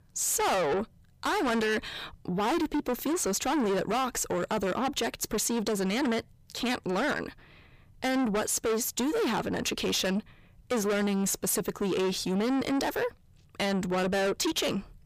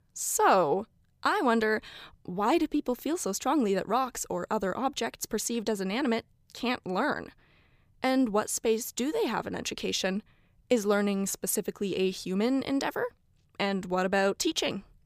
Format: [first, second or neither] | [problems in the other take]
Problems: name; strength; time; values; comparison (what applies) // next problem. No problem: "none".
second | distortion; heavy; 6 dB below the speech